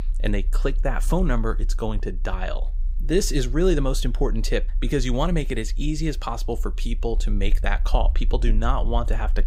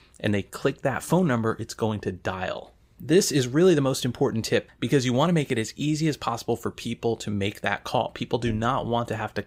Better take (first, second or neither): second